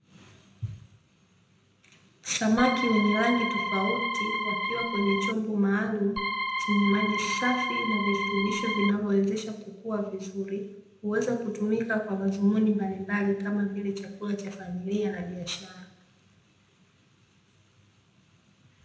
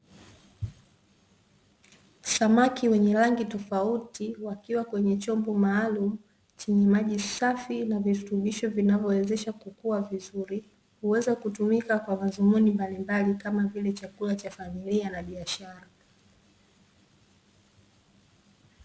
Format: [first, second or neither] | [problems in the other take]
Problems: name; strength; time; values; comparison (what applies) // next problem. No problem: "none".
second | background sound (Organ); 1 dB below the speech // room echo; dies away in 0.7 s